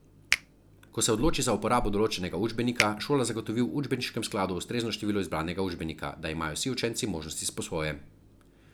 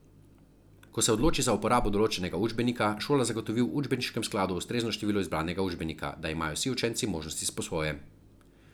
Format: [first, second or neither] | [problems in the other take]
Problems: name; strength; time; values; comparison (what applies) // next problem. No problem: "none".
second | background sound (Finger snapping); 8 dB below the speech